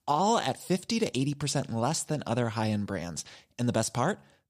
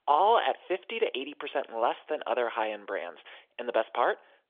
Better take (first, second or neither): first